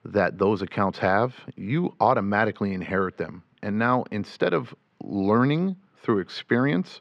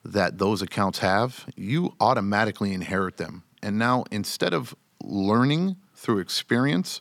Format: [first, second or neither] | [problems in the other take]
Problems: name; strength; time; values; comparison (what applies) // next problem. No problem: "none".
second | muffled; slightly; fading above 2.5 kHz